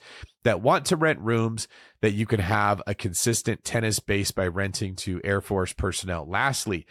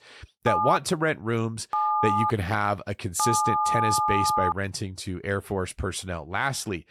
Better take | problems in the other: first | phone ringing; loud; until 4.5 s; peak 4 dB above the speech

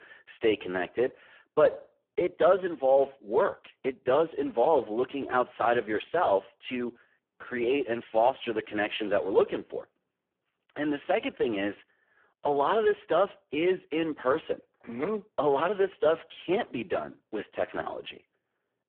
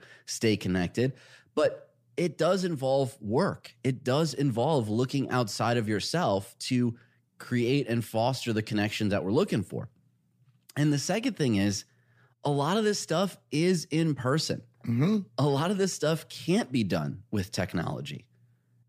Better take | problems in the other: second | phone-call audio; poor line

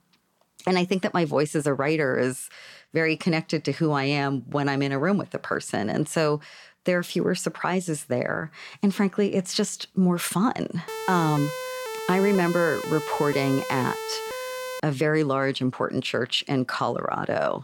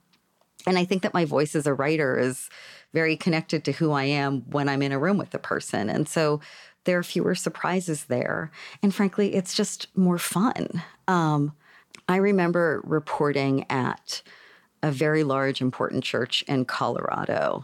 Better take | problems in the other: second | siren; noticeable; from 11 to 15 s; peak 7 dB below the speech

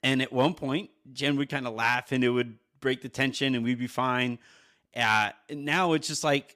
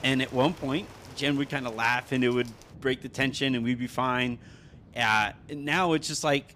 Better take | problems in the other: first | rain or running water; faint; throughout; 20 dB below the speech

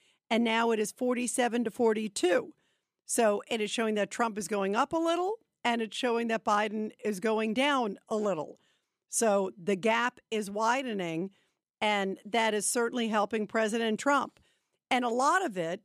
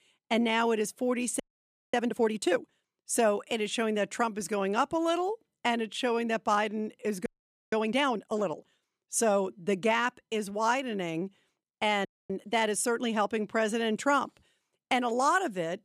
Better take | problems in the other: first | audio freezing; at 1.5 s for 0.5 s, at 7.5 s and at 12 s

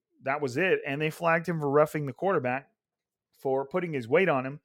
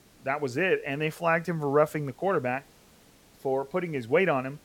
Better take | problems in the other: first | hiss; faint; throughout; 30 dB below the speech

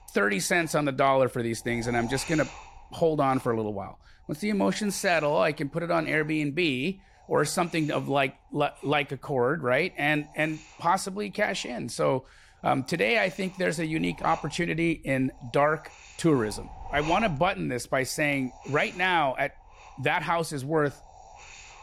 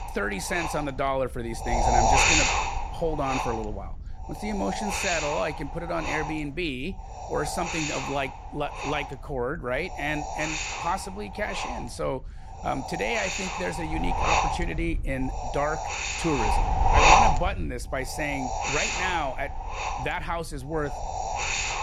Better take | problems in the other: first | wind noise on the microphone; heavy; 5 dB above the speech; occasional gusts in the first

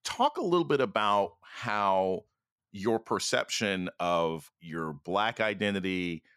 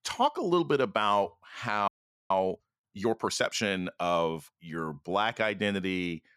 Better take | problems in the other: first | audio freezing; at 2 s

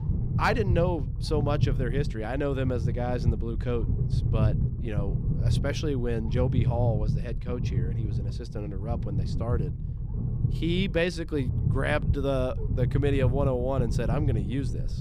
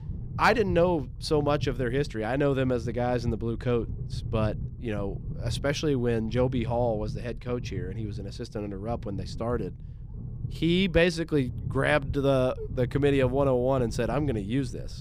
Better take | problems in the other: second | low rumble; loud; throughout; 10 dB below the speech; faint in the second

